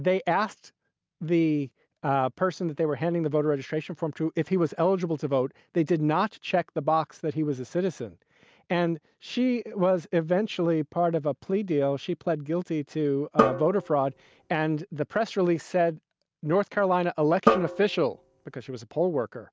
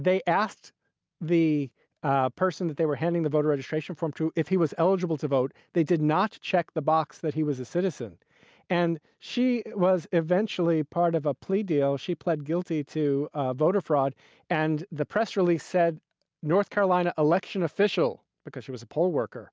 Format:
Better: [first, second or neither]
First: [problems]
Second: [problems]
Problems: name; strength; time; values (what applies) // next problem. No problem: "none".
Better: second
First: background sound (Drum); 2 dB below the speech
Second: none